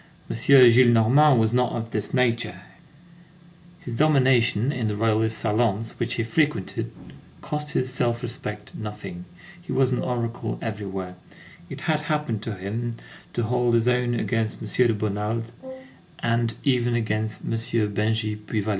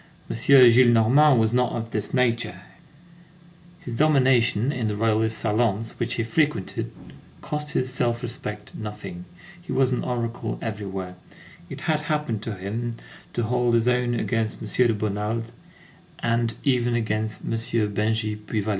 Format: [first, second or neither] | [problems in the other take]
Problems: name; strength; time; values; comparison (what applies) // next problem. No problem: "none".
second | background sound (Brass instrument); 19 dB below the speech